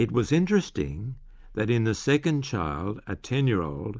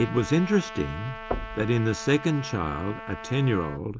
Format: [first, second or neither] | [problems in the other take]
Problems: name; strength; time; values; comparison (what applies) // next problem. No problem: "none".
first | background sound (Trumpet + Knock / Wood); 11 dB below the speech